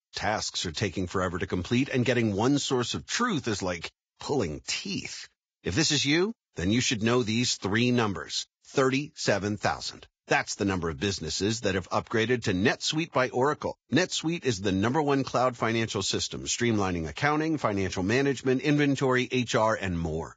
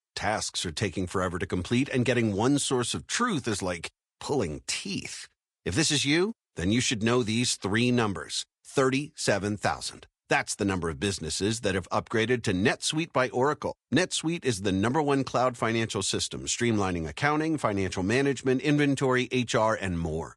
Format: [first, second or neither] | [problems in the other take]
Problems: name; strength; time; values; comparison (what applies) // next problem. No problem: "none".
second | garbled, watery; badly; nothing above 7.5 kHz; slightly in the second